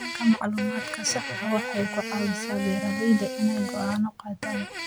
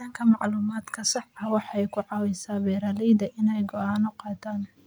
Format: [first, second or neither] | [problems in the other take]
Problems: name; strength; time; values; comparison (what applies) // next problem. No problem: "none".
second | background sound (Fart); 6 dB below the speech